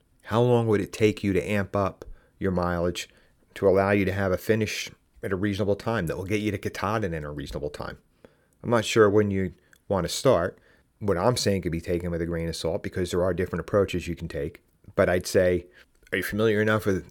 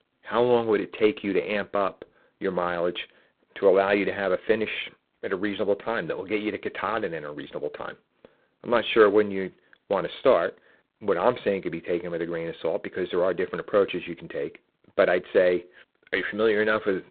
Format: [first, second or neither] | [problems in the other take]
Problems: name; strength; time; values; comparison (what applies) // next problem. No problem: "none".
first | phone-call audio; poor line; nothing above 3.5 kHz